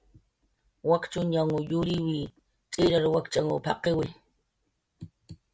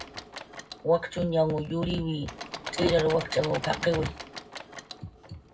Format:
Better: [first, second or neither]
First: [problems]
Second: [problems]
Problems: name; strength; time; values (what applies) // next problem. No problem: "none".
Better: first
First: none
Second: background sound (Engine / Mechanisms); 12 dB below the speech // room echo; dies away in 0.3 s